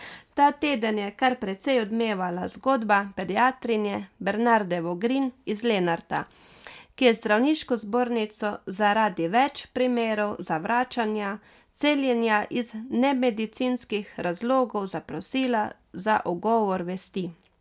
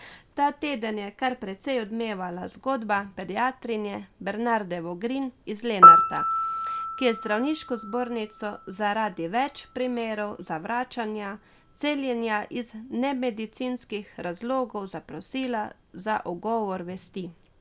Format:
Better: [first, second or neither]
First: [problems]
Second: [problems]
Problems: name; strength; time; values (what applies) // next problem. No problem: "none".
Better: first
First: none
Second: background sound (Piano); 1 dB above the speech